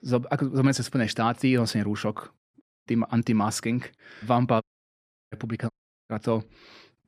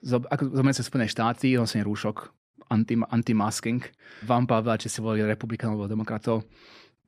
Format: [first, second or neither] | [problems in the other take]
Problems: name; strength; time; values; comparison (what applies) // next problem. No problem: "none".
second | audio cutting out; at 2.5 s, at 4.5 s for 0.5 s and at 5.5 s